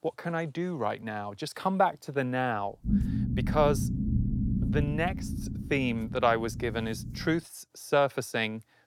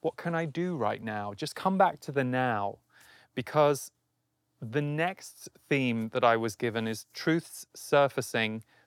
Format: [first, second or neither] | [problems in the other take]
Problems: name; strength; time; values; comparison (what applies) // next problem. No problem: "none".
second | low rumble; noticeable; from 2.5 to 7.5 s; 10 dB below the speech